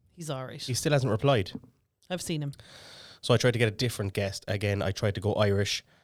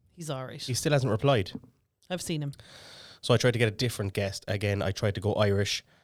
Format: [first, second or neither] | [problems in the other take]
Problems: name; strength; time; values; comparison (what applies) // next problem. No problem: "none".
neither | none